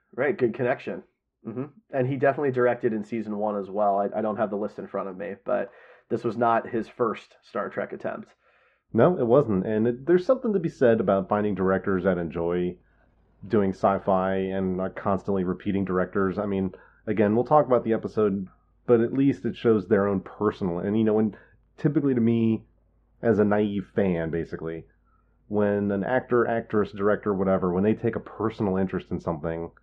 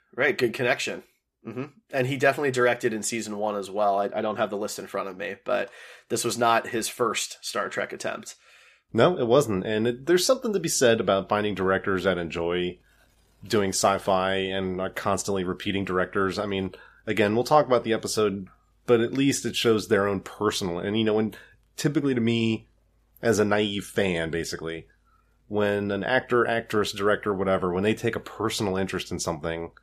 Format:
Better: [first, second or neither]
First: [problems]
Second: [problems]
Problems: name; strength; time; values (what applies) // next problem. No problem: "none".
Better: second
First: muffled; very; fading above 1 kHz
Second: none